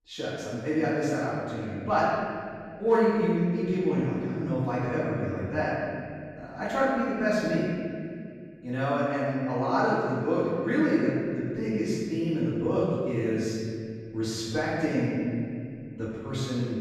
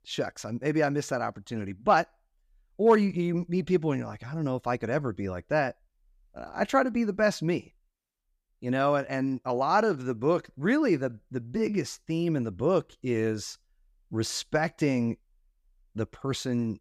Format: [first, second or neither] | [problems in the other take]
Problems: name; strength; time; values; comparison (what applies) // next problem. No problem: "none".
second | off-mic speech; far // room echo; strong; dies away in 2.3 s